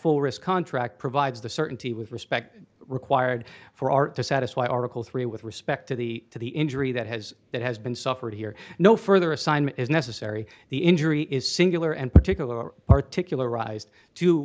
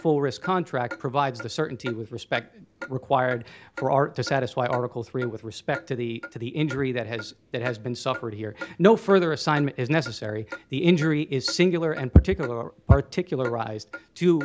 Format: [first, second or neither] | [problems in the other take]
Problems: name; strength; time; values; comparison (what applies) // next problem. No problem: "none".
first | background sound (Clock); 18 dB below the speech